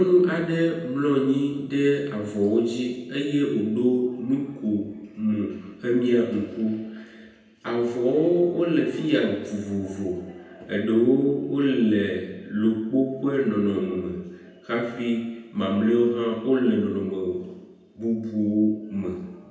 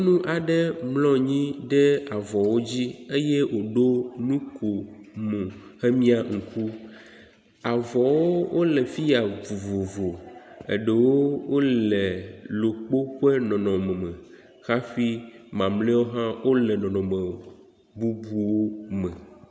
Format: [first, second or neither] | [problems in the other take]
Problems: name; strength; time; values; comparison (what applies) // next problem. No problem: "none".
second | room echo; dies away in 0.9 s